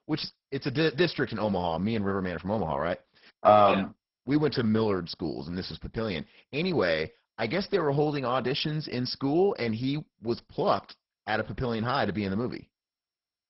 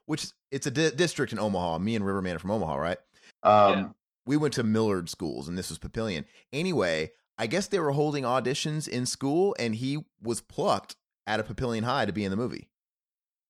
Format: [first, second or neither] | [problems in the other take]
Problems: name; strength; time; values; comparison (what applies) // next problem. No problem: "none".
second | garbled, watery; badly; nothing above 5.5 kHz